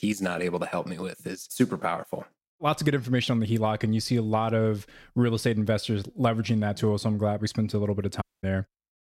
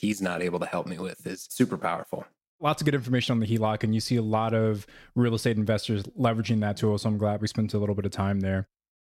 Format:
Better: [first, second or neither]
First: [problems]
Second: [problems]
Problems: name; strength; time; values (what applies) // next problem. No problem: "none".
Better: second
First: audio cutting out; at 8 s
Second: none